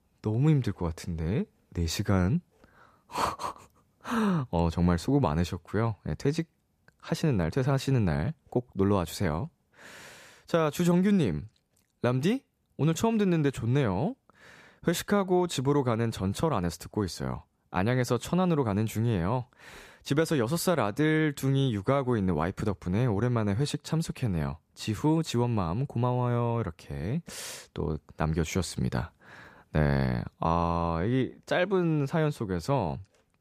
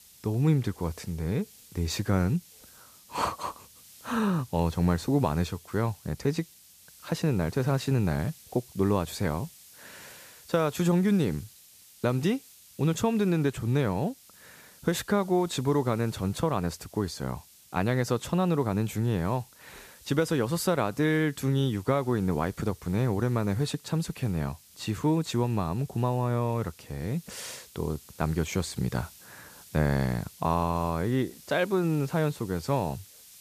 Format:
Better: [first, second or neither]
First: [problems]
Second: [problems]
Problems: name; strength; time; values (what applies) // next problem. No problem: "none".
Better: first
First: none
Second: hiss; faint; throughout; 20 dB below the speech